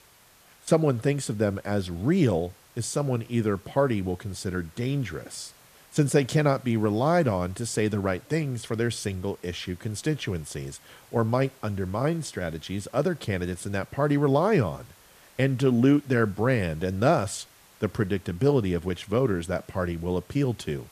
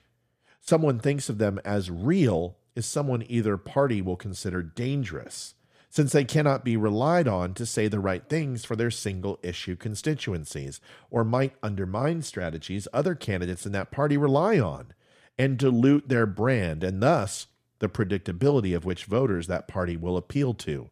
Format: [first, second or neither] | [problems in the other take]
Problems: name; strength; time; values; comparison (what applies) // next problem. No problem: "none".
second | hiss; faint; throughout; 25 dB below the speech